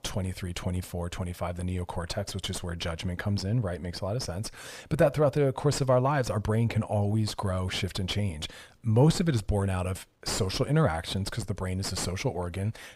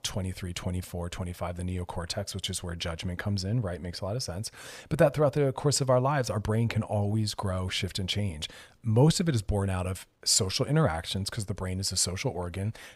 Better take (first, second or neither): second